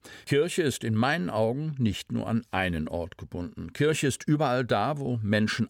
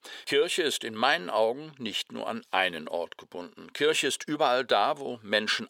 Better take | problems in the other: first | thin; somewhat; fading below 450 Hz

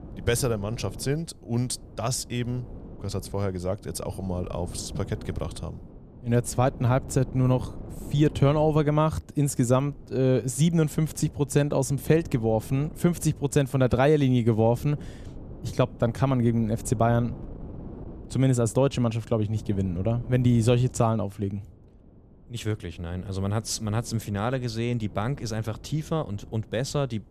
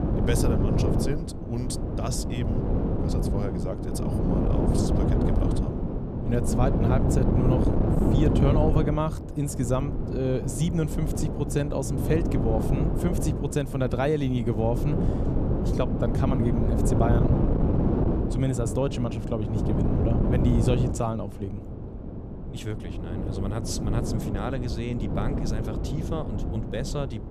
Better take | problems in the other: first | wind noise on the microphone; heavy; 1 dB below the speech; occasional gusts in the first

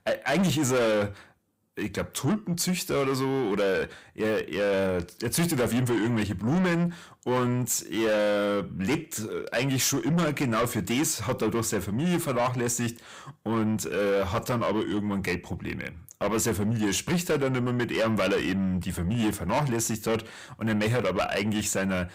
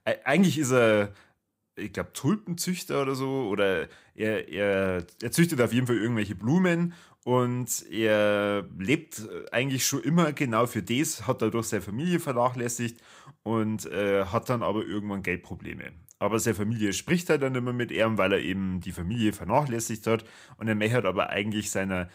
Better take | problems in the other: second | distortion; heavy; 7 dB below the speech

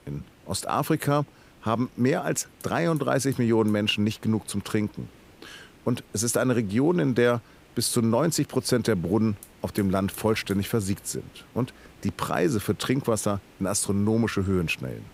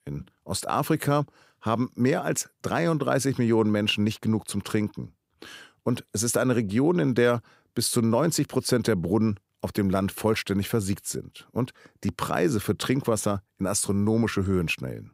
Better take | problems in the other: second | hiss; faint; throughout; 25 dB below the speech

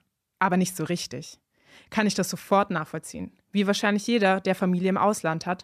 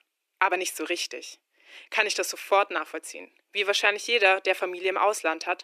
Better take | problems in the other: first | thin; very; fading below 300 Hz

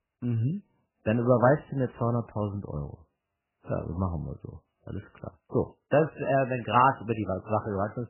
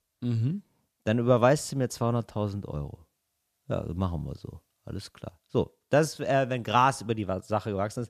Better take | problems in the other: second | garbled, watery; badly; nothing above 3 kHz

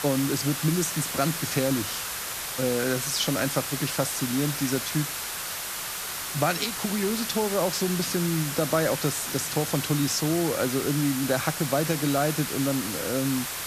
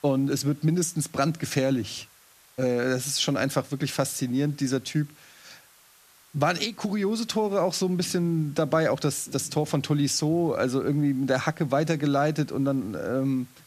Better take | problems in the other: second | hiss; loud; throughout; 3 dB below the speech; faint in the second

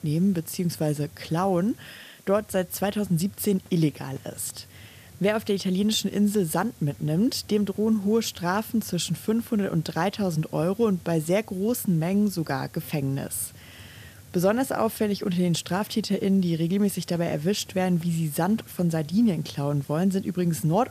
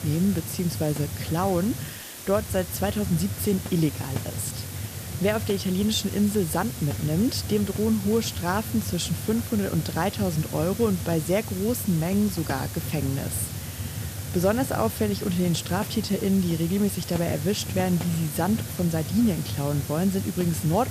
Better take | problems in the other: first | hiss; loud; throughout; 7 dB below the speech; faint in the first

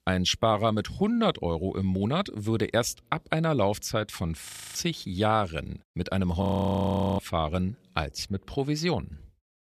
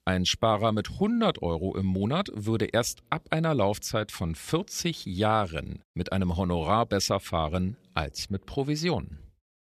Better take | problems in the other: second | audio freezing; at 4.5 s and at 6.5 s for 1 s

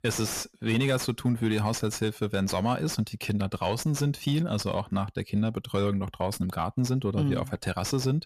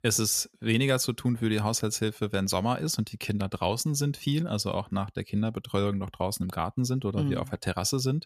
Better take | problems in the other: second | distortion; slight; 10 dB below the speech

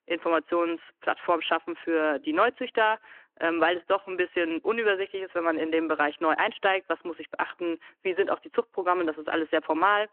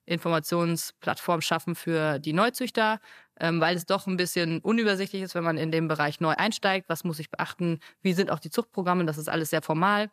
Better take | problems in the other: second | phone-call audio

